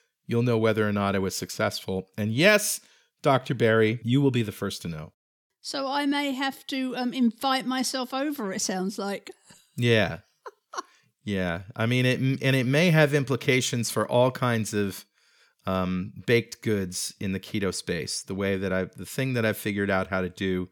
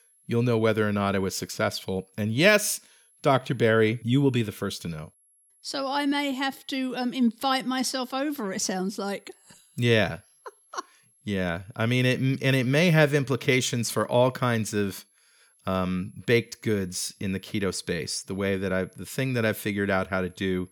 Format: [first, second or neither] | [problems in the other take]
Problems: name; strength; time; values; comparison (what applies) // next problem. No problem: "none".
first | high-pitched whine; faint; throughout; 11 kHz, 35 dB below the speech